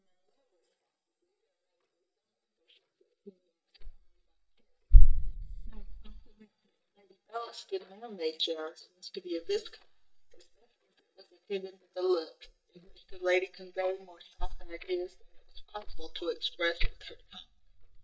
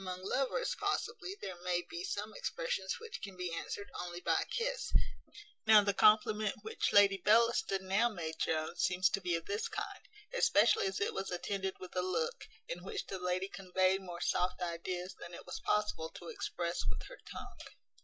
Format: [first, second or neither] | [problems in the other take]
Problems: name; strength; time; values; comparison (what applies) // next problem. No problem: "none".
second | noise reduction (neural mask model DeepFilterNet 3)